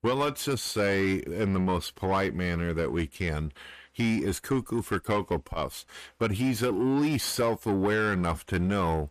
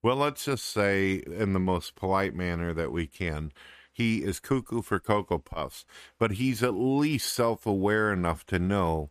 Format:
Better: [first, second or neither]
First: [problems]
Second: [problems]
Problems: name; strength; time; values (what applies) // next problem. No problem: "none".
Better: second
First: distortion; slight; 10 dB below the speech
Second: none